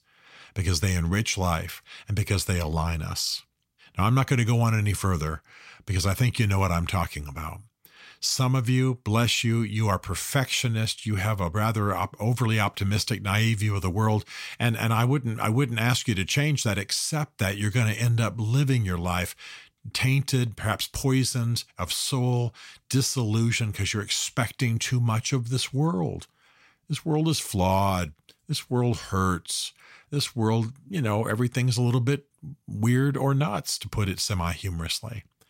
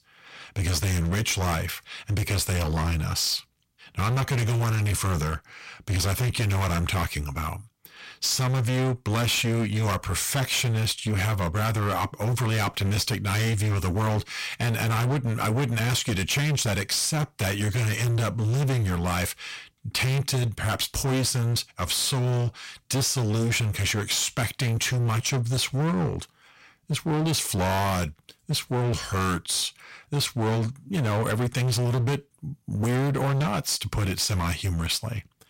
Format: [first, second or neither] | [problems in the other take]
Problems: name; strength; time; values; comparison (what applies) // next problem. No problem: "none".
first | distortion; heavy; 28% of the sound clipped